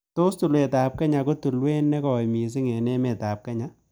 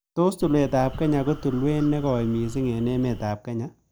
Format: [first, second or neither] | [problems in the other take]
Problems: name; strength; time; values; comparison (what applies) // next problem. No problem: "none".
first | background sound (Crow); 13 dB below the speech